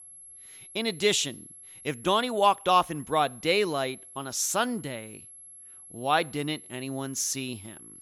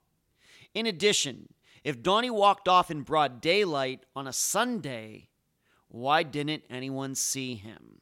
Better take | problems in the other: second | high-pitched whine; noticeable; throughout; 11 kHz, 20 dB below the speech

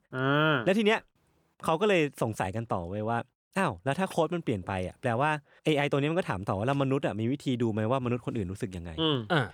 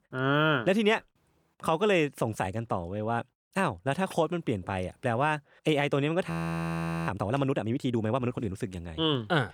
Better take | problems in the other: first | audio freezing; at 6.5 s for 1 s

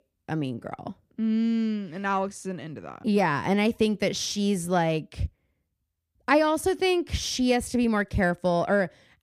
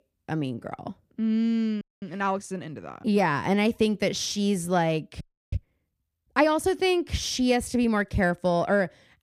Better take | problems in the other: first | audio freezing; at 2 s and at 5 s

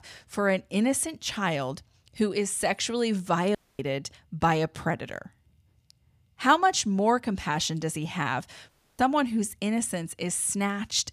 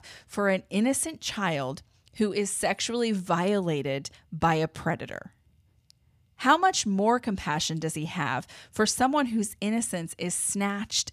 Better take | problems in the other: second | audio cutting out; at 3.5 s and at 8.5 s

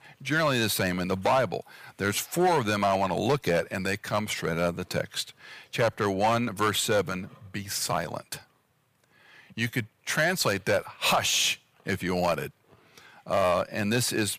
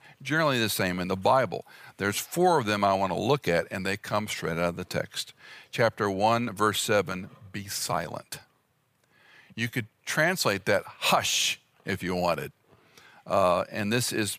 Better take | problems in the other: second | distortion; slight; 4% of the sound clipped

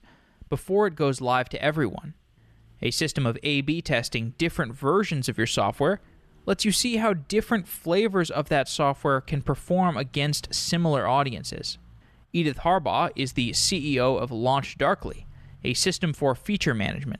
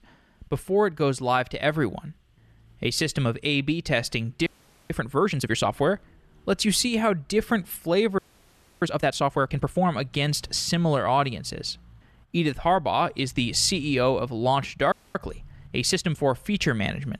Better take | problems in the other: first | audio freezing; at 4.5 s, at 8 s for 0.5 s and at 15 s

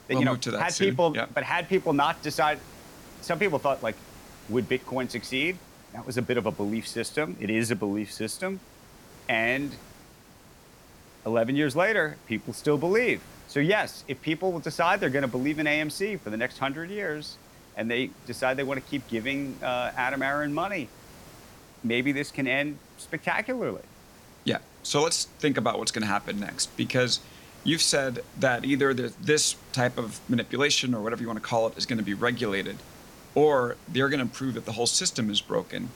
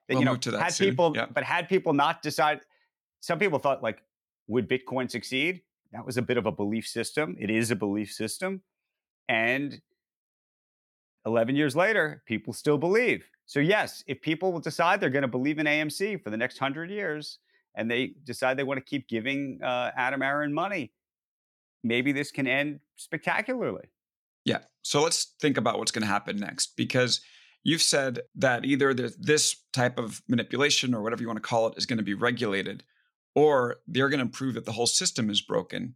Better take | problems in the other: second | hiss; faint; throughout; 20 dB below the speech

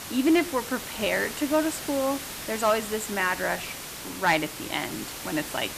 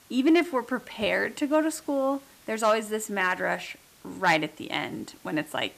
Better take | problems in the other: second | hiss; loud; throughout; 8 dB below the speech; faint in the second

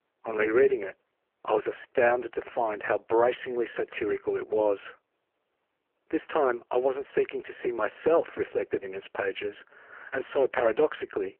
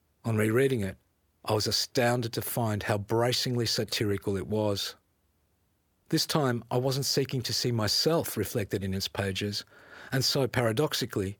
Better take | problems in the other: second | phone-call audio; poor line

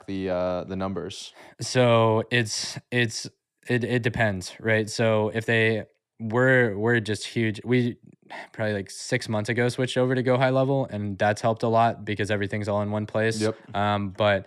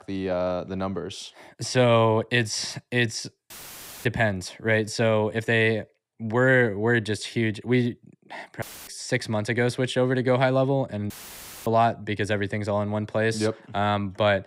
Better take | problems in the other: first | audio cutting out; filled with static; at 3.5 s for 0.5 s, at 8.5 s and at 11 s for 0.5 s

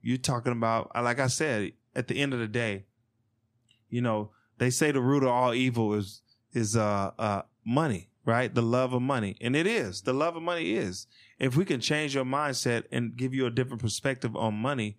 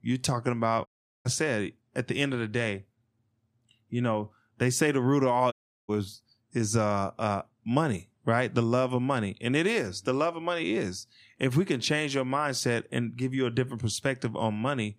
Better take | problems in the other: first | audio cutting out; at 1 s and at 5.5 s

